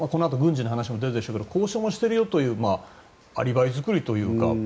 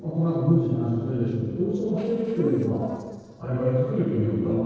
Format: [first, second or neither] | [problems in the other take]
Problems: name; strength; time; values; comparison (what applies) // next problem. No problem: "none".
first | noise reduction (neural separator model SepFormer DNS4)